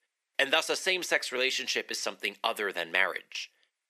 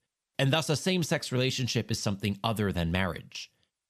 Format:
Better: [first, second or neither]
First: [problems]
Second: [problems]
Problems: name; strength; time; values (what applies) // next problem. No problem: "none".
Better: second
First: thin; very; fading below 350 Hz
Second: none